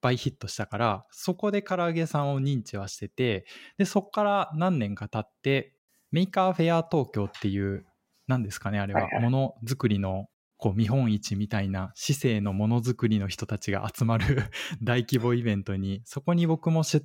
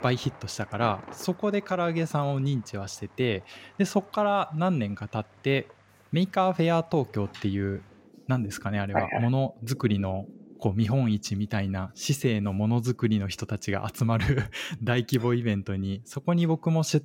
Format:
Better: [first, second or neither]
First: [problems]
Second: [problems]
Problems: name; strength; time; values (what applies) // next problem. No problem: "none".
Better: first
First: none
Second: rain or running water; faint; throughout; 25 dB below the speech